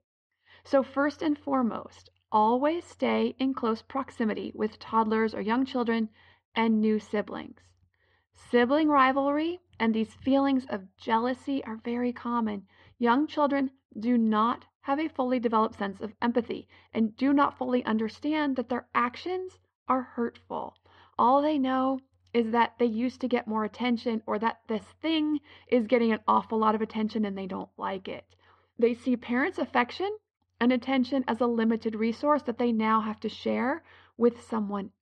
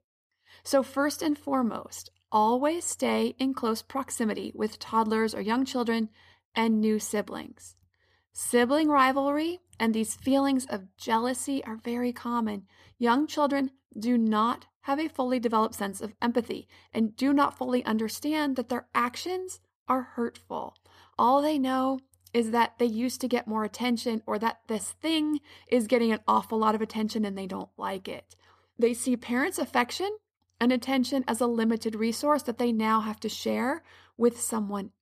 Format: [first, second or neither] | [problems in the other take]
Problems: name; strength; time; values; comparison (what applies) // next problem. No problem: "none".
second | muffled; slightly; fading above 3.5 kHz